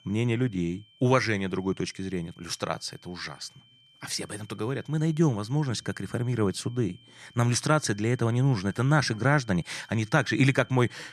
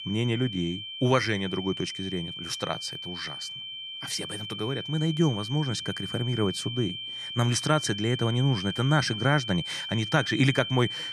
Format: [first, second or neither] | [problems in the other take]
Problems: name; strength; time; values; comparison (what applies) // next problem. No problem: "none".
first | high-pitched whine; loud; throughout; 3 kHz, 6 dB below the speech; faint in the first